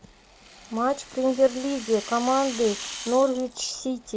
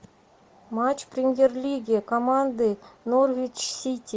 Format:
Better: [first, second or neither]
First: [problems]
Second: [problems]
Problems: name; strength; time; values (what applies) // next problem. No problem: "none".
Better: second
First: background sound (Rattle (instrument)); 14 dB below the speech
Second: none